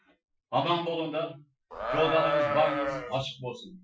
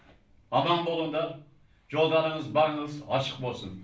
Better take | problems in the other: second | noise reduction (classical method Wiener filter)

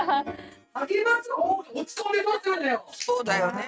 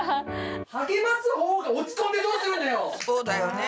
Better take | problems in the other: second | noise reduction (neural mask model RNNoise)

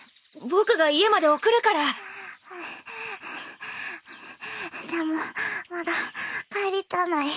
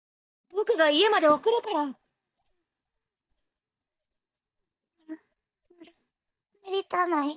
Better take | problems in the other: first | noise reduction (neural mask model DeepFilterNet 3)

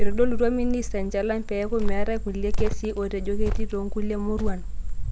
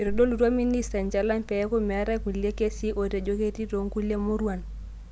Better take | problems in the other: second | background sound (Cricket); 4 dB above the speech

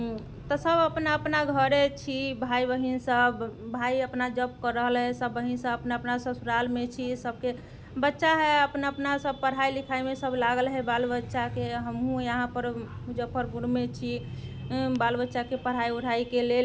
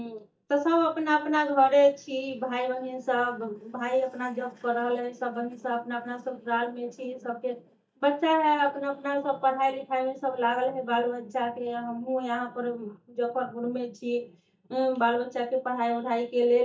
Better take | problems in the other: first | noise reduction (neural mask model DeepFilterNet 3)

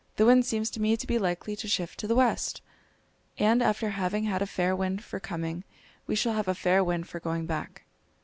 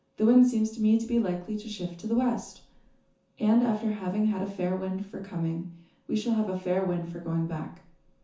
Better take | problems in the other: first | room echo; dies away in 0.9 s

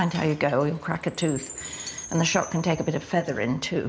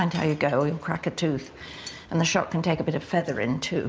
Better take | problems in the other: second | background sound (Chime); 16 dB below the speech

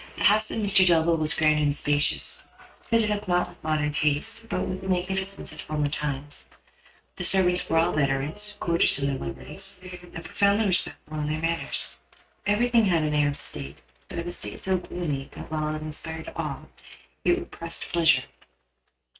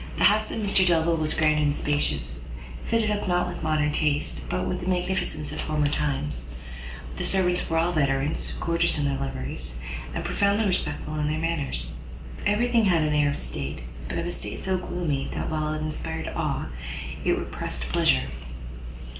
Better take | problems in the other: second | noise reduction (neural mask model RNNoise)

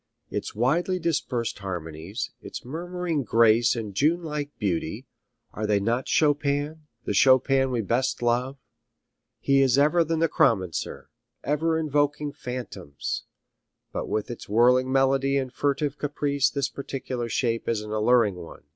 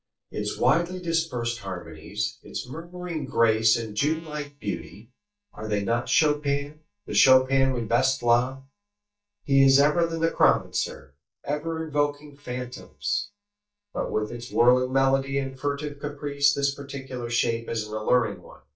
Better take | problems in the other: first | noise reduction (neural mask model DeepFilterNet 3)

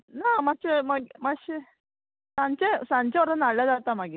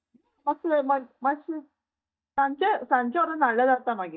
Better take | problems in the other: first | noise reduction (neural mask model DeepFilterNet 3)

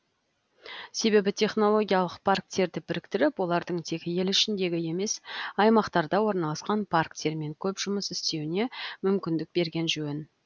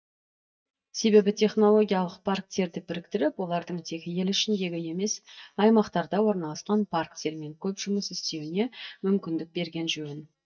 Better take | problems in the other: first | noise reduction (neural mask model DeepFilterNet 3)

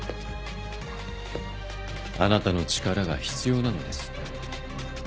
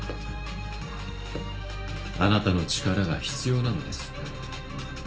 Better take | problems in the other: first | room echo; dies away in 0.2 s

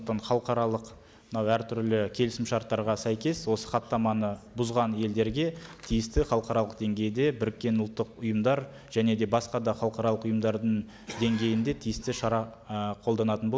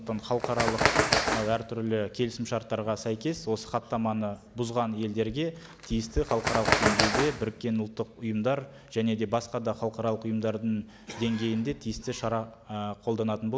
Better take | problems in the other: first | background sound (Bird); 1 dB above the speech

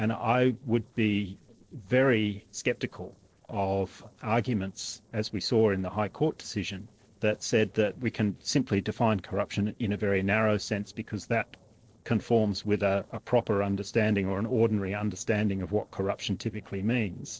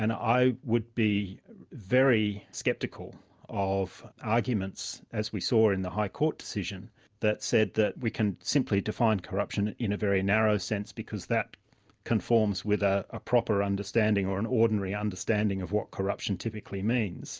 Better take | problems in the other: second | noise reduction (neural separator model SepFormer DNS4)

